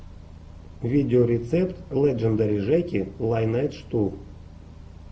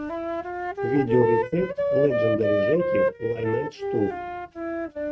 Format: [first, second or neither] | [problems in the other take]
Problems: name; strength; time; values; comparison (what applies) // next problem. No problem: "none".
first | noise reduction (neural mask model RNNoise)